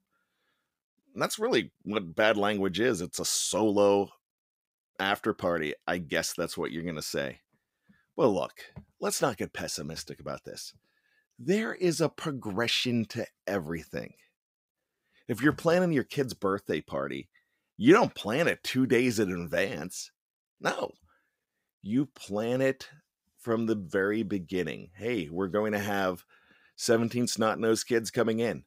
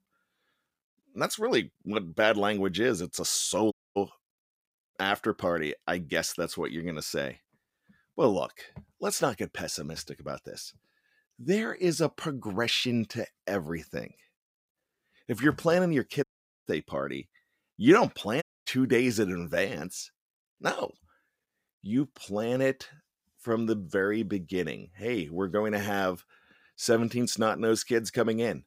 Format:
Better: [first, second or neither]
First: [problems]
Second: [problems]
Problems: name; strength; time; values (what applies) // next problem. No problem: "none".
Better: first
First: none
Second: audio cutting out; at 3.5 s, at 16 s and at 18 s